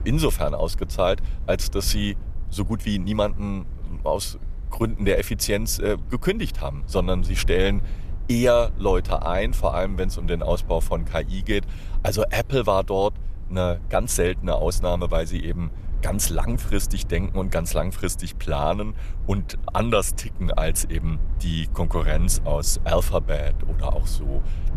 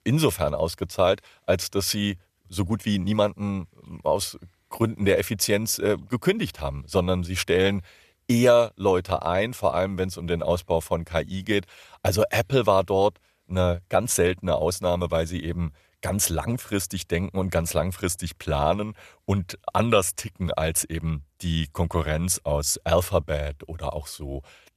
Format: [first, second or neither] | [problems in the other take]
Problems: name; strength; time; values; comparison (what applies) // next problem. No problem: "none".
second | low rumble; faint; throughout; 25 dB below the speech